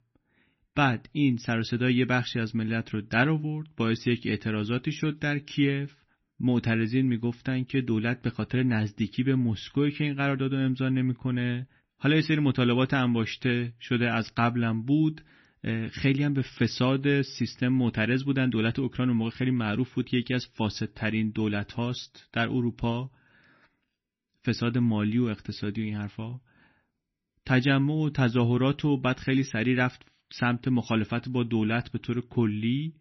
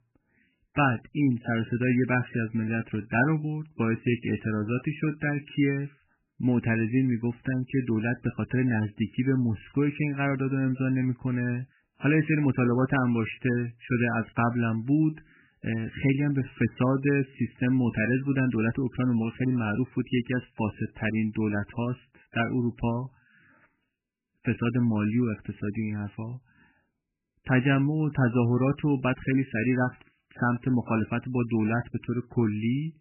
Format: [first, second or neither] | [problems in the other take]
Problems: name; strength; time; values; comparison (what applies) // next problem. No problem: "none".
first | garbled, watery; badly; nothing above 3 kHz; slightly in the first